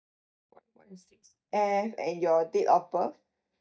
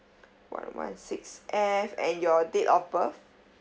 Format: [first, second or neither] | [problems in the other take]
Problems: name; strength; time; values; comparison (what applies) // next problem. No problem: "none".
second | noise reduction (neural mask model DeepFilterNet 3)